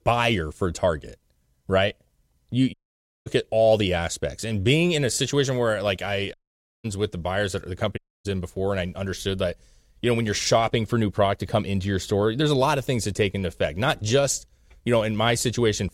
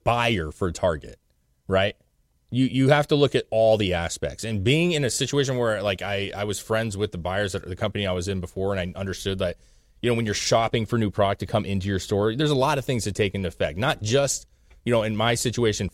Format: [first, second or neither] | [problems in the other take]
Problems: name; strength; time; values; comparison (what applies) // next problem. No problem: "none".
second | audio cutting out; at 2.5 s for 0.5 s, at 6.5 s for 0.5 s and at 8 s